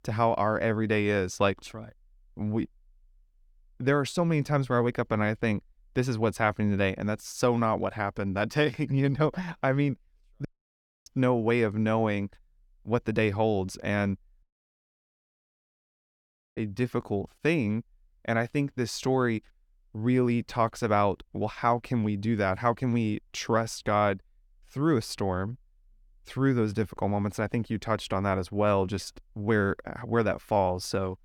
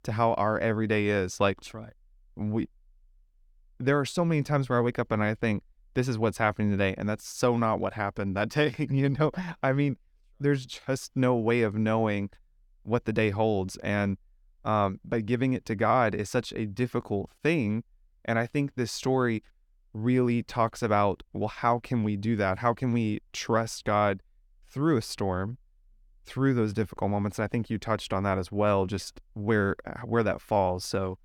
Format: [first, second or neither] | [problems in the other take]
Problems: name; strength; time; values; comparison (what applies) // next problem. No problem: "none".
second | audio cutting out; at 10 s for 0.5 s and at 14 s for 2 s